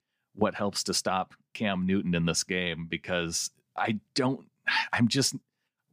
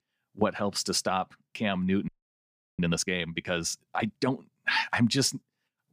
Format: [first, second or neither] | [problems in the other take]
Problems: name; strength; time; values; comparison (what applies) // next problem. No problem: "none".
first | audio freezing; at 2 s for 0.5 s